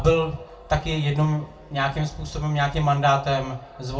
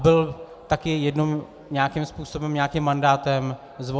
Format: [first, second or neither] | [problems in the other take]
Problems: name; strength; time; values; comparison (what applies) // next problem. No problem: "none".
second | room echo; dies away in 0.3 s